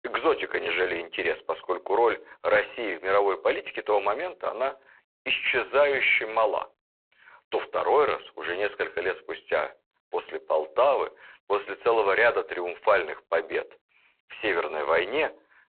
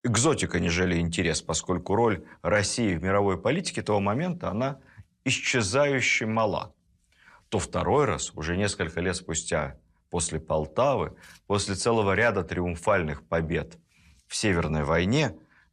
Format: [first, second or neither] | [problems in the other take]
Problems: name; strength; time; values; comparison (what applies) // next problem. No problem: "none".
second | phone-call audio; poor line